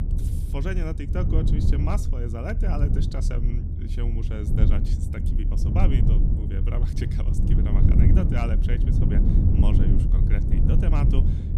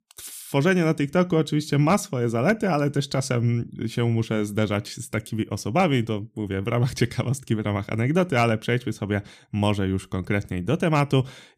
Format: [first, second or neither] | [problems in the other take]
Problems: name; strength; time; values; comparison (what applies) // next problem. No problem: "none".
second | low rumble; loud; throughout; as loud as the speech